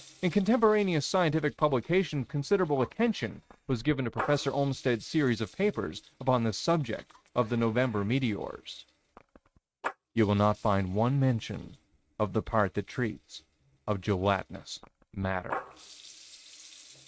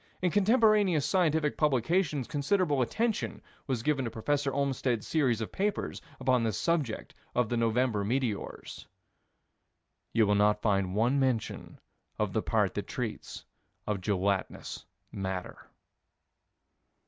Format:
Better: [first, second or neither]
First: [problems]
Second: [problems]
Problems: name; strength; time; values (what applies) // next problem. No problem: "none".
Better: second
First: noise reduction (neural mask model RNNoise)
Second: none